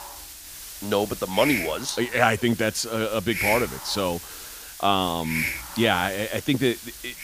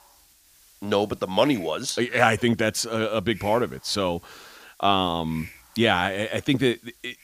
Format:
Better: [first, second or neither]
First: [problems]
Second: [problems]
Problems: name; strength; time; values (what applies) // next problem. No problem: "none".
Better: second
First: hiss; loud; throughout; 7 dB below the speech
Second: hiss; faint; throughout; 25 dB below the speech